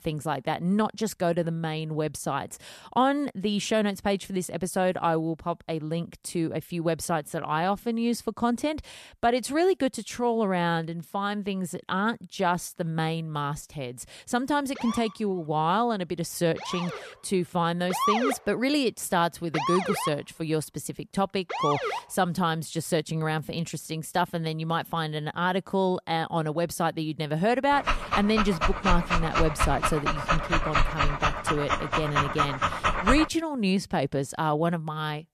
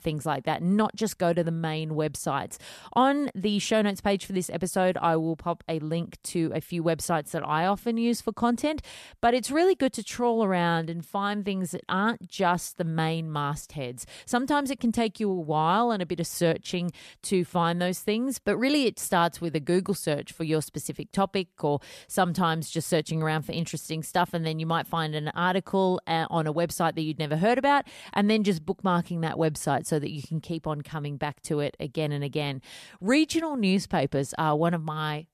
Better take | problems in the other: second | siren; loud; from 15 to 22 s; peak 3 dB above the speech // dog barking; loud; from 28 to 33 s; peak 3 dB above the speech

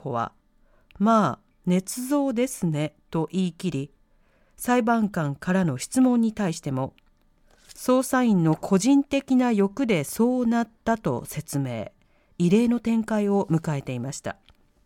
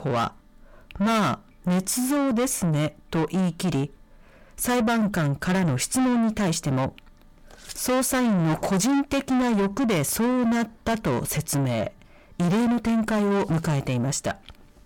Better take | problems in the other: first | distortion; heavy; 6 dB below the speech

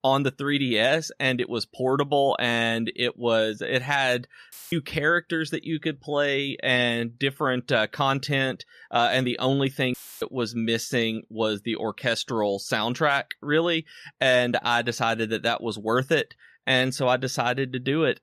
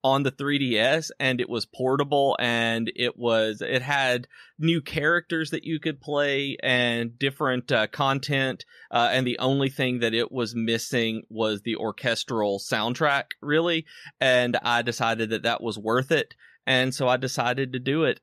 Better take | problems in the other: second | audio cutting out; filled with static; at 4.5 s and at 10 s

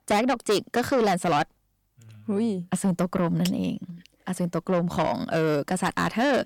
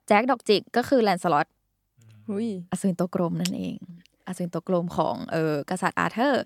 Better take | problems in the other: second | distortion; heavy; 7 dB below the speech

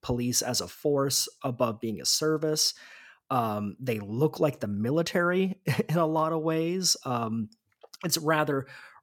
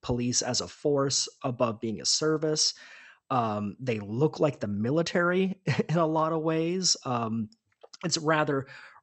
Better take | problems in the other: first | garbled, watery; slightly; nothing above 8 kHz

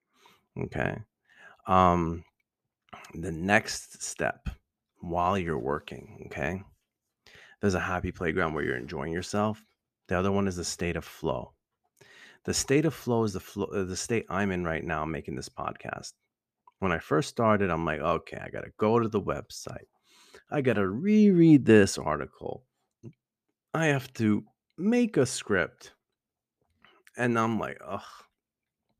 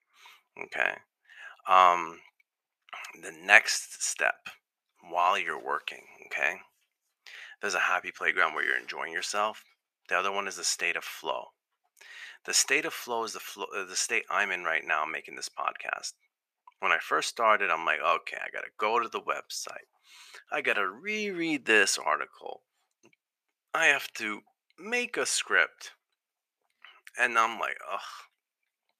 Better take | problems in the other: first | thin; very; fading below 900 Hz

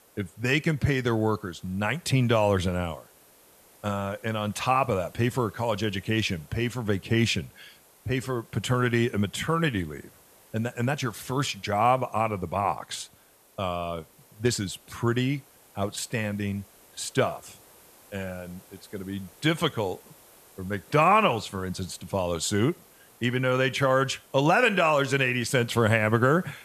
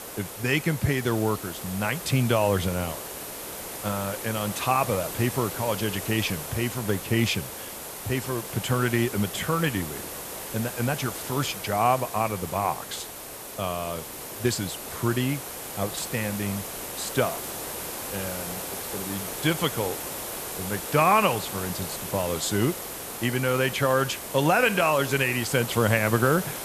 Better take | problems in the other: first | hiss; loud; throughout; 7 dB below the speech; faint in the first

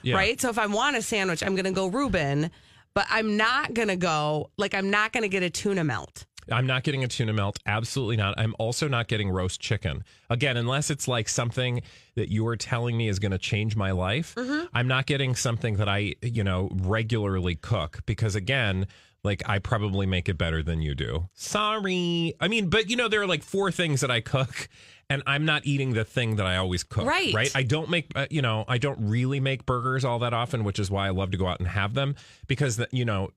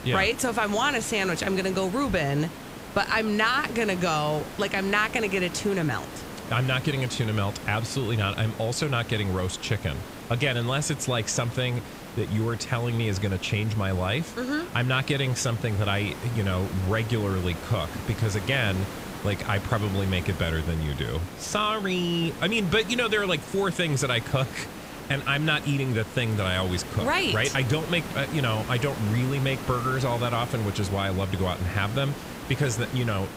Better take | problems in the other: first | hiss; noticeable; throughout; 10 dB below the speech

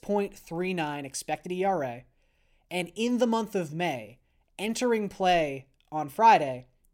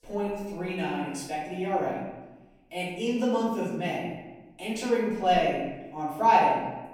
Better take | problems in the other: first | room echo; noticeable; dies away in 1 s // off-mic speech; far

